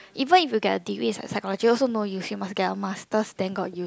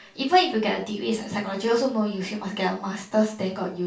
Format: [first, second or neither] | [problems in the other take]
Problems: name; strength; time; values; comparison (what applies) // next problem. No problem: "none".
first | room echo; dies away in 0.3 s